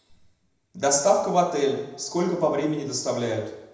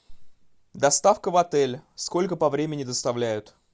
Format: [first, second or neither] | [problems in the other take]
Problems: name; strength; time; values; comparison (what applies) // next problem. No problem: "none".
second | room echo; dies away in 0.8 s